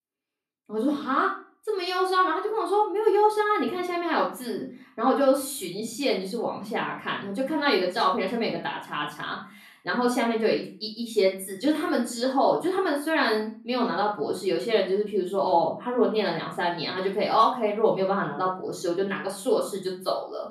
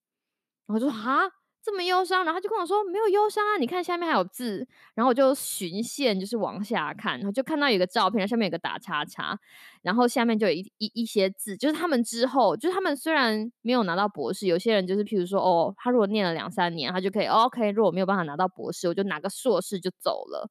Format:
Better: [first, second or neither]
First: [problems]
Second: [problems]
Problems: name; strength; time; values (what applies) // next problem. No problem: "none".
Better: second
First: off-mic speech; far // room echo; slight; dies away in 0.3 s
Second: none